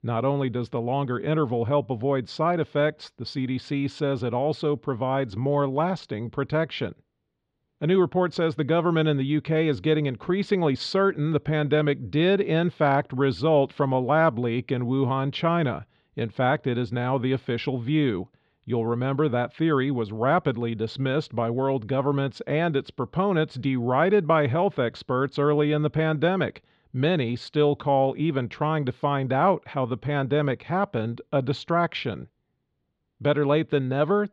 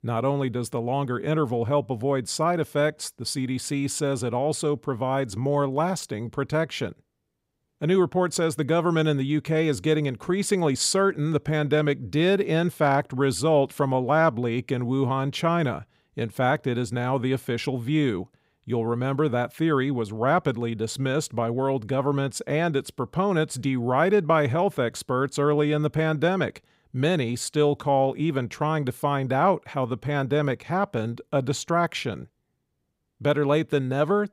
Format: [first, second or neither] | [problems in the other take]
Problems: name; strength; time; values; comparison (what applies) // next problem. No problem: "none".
second | muffled; slightly; fading above 4 kHz